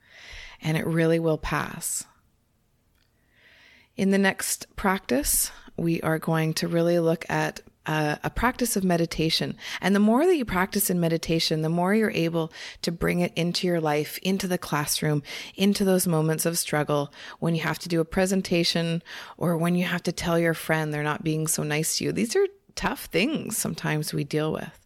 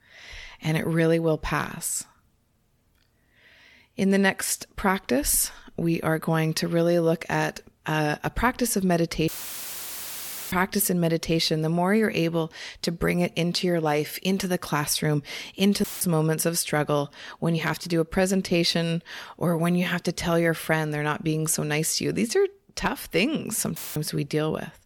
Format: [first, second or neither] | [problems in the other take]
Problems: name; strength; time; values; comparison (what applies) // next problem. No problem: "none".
first | audio cutting out; filled with static; at 9.5 s for 1 s, at 16 s and at 24 s